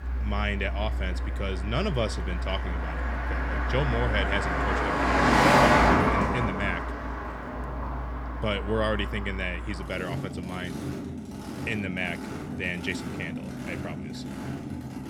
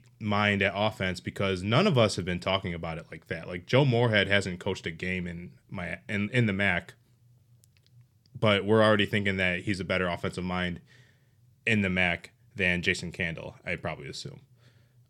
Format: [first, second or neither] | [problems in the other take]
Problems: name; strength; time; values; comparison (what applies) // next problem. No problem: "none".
second | traffic noise; very loud; throughout; 4 dB above the speech